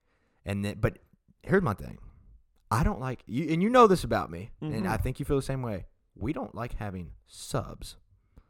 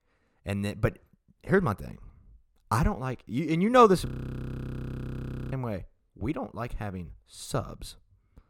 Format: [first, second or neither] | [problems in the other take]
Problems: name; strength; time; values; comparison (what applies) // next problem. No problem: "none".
first | audio freezing; at 4 s for 1.5 s